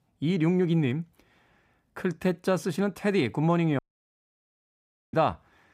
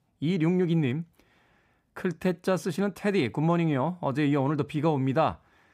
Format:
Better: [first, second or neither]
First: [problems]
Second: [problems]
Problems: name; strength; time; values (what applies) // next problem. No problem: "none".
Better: second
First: audio cutting out; at 4 s for 1.5 s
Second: none